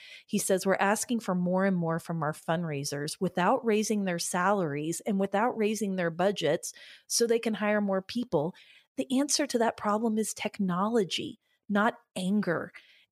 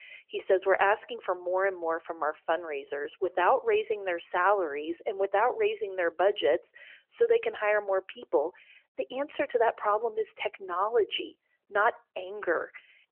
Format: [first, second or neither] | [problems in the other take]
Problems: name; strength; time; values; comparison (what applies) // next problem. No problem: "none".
first | phone-call audio; nothing above 3 kHz